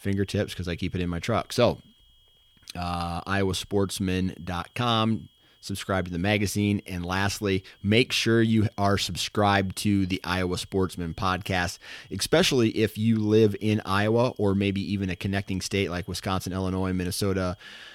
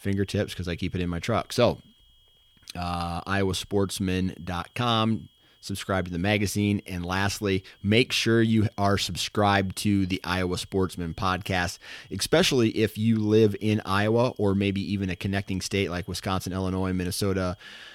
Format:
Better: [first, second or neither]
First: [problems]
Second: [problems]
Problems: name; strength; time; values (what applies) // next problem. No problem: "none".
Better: neither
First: high-pitched whine; faint; throughout; 3.5 kHz, 35 dB below the speech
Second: high-pitched whine; faint; throughout; 3.5 kHz, 35 dB below the speech